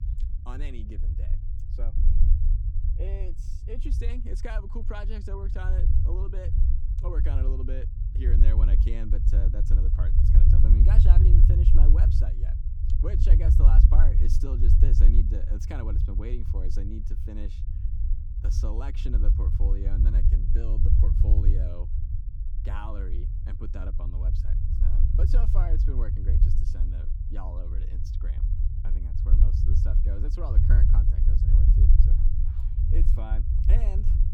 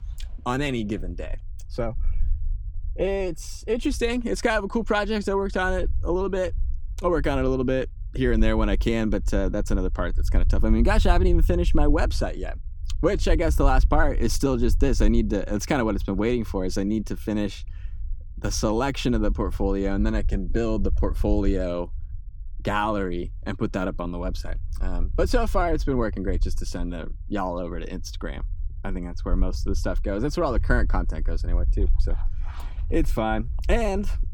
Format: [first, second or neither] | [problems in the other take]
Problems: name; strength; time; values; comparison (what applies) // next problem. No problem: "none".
second | low rumble; loud; throughout; as loud as the speech; faint in the second